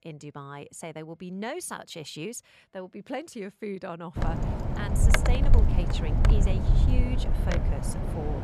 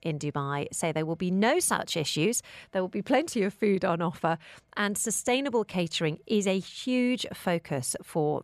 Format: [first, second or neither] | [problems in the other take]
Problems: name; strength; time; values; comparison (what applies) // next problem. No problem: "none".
second | wind noise on the microphone; heavy; from 4 s on; 3 dB above the speech